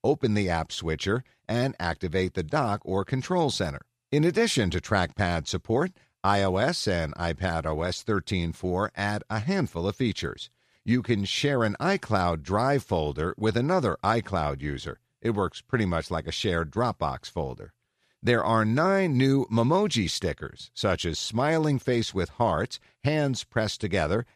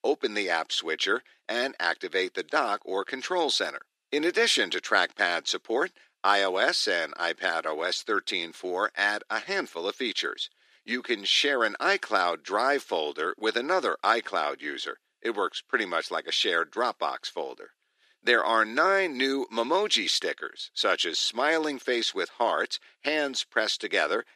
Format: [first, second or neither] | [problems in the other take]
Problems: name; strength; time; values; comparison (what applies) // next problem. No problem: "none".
first | thin; very; fading below 300 Hz